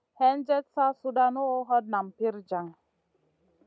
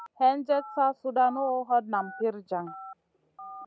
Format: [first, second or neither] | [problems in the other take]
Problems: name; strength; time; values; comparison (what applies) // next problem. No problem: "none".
first | background sound (Telephone); 18 dB below the speech